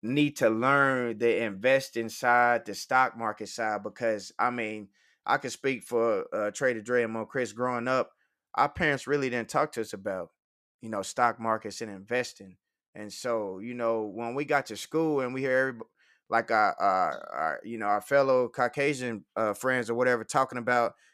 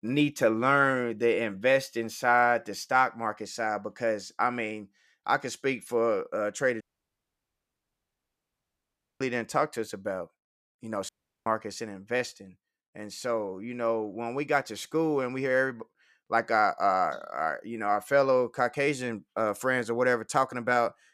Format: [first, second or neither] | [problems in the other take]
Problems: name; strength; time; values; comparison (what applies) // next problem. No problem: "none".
first | audio cutting out; at 7 s for 2.5 s and at 11 s